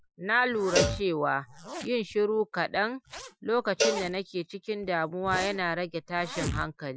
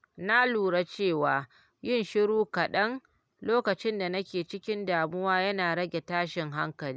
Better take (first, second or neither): second